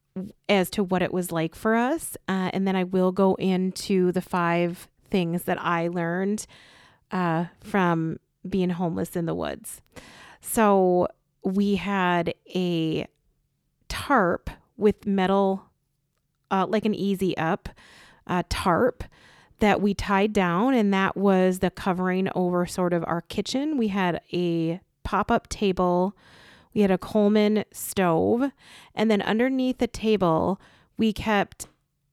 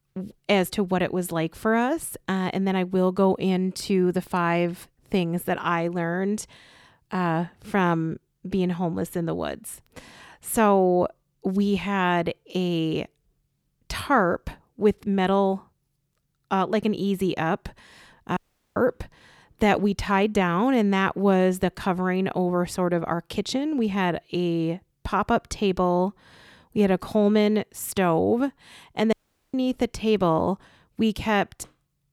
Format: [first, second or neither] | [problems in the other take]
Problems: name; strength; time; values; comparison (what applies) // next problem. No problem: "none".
first | audio cutting out; at 18 s and at 29 s